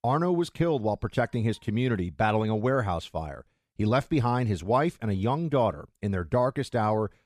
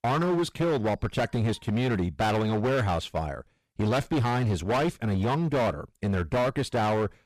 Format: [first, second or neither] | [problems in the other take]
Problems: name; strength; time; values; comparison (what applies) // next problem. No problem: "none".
first | distortion; heavy; 23% of the sound clipped